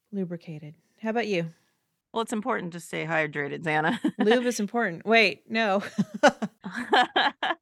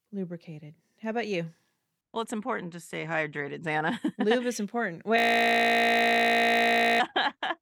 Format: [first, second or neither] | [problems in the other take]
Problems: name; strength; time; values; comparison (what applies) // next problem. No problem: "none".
first | audio freezing; at 5 s for 2 s